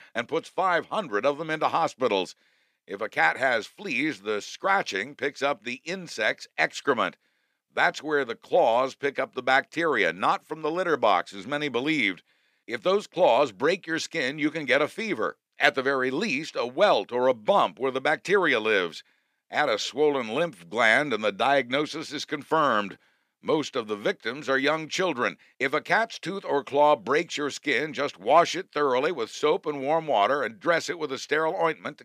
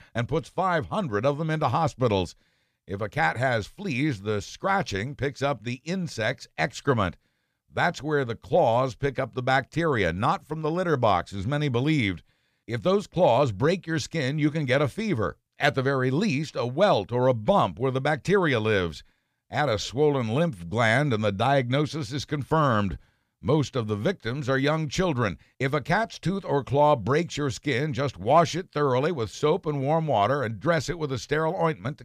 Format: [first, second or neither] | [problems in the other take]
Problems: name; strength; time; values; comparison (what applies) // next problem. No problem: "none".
second | thin; somewhat; fading below 250 Hz